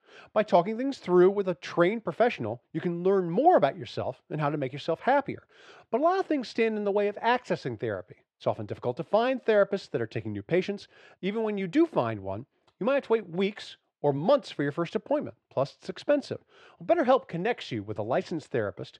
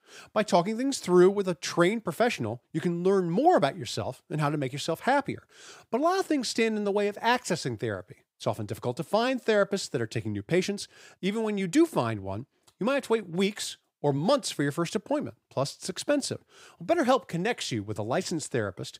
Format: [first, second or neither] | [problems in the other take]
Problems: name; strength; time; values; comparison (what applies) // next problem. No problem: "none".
second | muffled; slightly; fading above 3 kHz